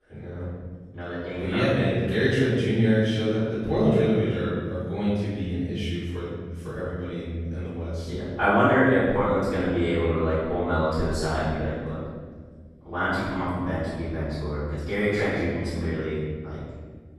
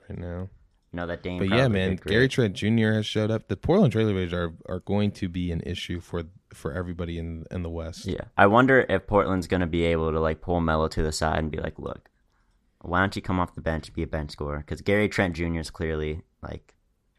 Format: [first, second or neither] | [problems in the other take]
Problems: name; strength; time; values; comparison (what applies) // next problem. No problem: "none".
second | off-mic speech; far // room echo; strong; dies away in 1.6 s